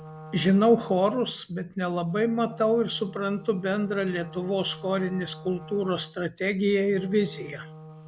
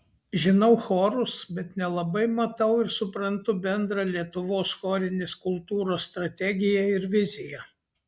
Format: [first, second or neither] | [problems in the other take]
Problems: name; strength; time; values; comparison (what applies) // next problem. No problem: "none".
second | background sound (Wind instrument, woodwind instrument); 17 dB below the speech